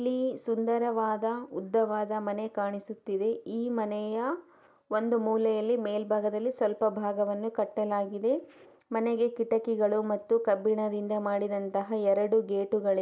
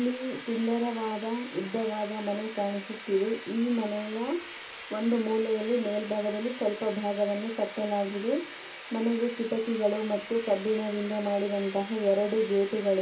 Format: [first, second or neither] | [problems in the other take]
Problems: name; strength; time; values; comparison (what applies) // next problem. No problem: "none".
first | background sound (Sawing); 14 dB below the speech // room echo; dies away in 0.4 s